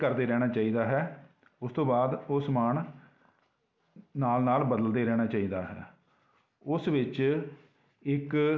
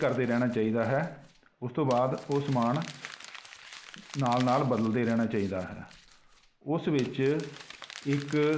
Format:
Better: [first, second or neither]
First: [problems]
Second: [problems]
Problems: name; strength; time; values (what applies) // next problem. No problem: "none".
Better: first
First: none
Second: background sound (Crumpling, crinkling); 19 dB below the speech